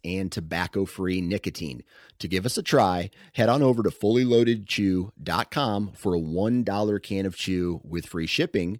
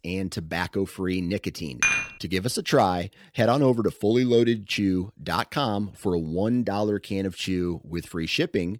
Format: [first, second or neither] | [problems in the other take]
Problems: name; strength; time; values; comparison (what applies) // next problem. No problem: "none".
first | clattering dishes; loud; at 2 s; peak 4 dB above the speech